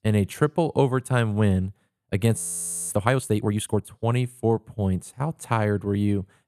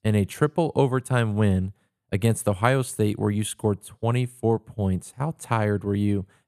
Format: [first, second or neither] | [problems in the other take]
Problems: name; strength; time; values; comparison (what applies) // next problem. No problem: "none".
second | audio freezing; at 2.5 s for 0.5 s